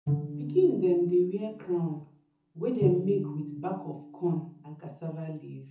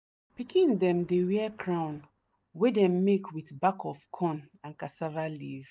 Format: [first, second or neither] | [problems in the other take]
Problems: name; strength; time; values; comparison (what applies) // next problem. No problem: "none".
second | background sound (Bowed string instrument); 7 dB below the speech // room echo; dies away in 0.5 s